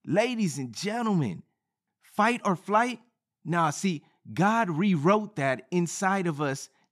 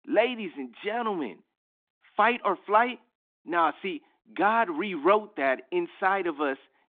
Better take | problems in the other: first | phone-call audio

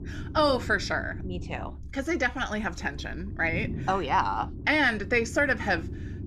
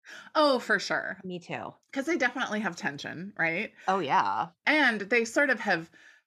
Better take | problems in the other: second | low rumble; faint; throughout; 20 dB below the speech

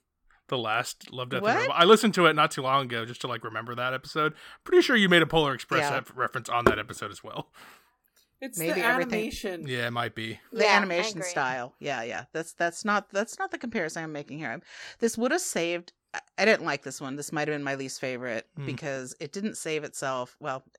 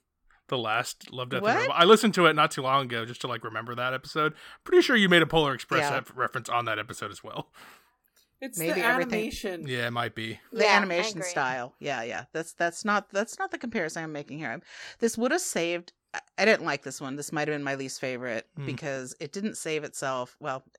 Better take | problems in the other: second | door banging; loud; at 6.5 s; peak level with the speech

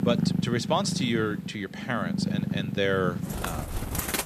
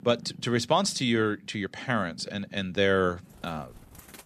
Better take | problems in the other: second | animal sounds; loud; throughout; 1 dB below the speech; faint in the second

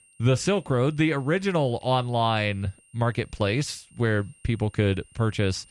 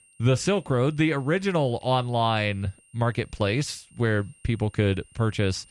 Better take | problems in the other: neither | high-pitched whine; faint; throughout; 9 kHz, 30 dB below the speech; the same in both

